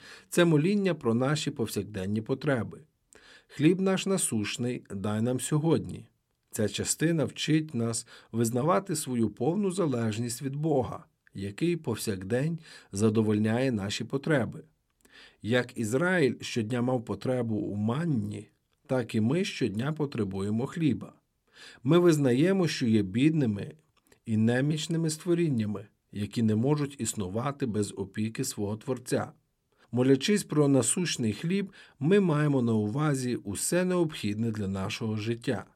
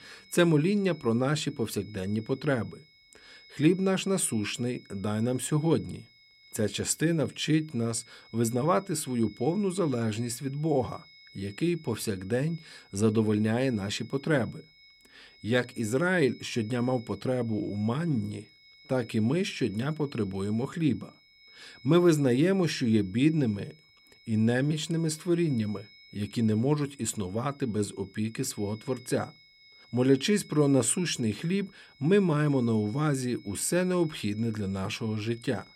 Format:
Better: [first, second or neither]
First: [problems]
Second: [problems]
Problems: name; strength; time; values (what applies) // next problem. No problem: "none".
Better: first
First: none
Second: high-pitched whine; faint; throughout; 2 kHz, 25 dB below the speech